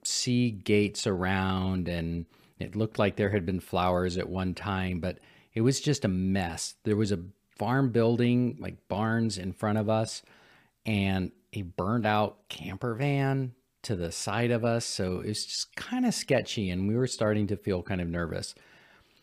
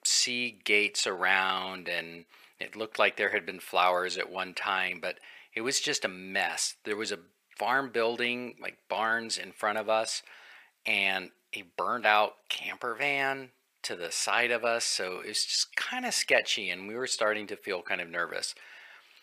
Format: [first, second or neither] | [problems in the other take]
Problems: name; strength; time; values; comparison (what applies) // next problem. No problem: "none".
first | thin; very; fading below 650 Hz